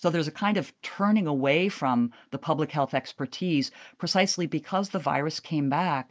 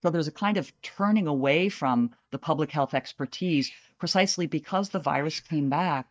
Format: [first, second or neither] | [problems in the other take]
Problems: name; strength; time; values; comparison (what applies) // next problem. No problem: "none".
first | noise reduction (neural mask model DeepFilterNet 3)